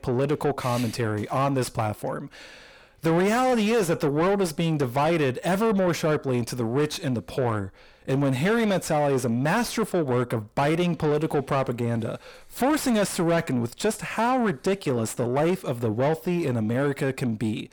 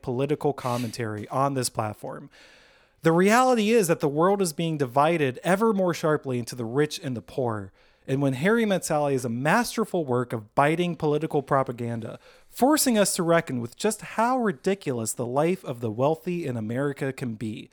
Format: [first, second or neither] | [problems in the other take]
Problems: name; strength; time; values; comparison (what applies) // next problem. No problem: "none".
second | distortion; heavy; 7 dB below the speech